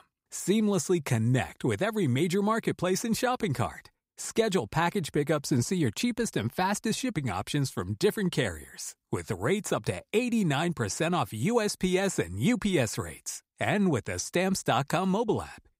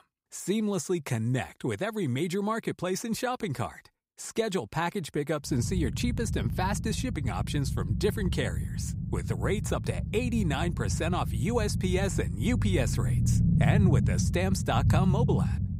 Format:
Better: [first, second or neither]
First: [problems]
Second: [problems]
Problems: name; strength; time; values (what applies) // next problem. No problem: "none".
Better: first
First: none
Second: low rumble; loud; from 5.5 s on; 8 dB below the speech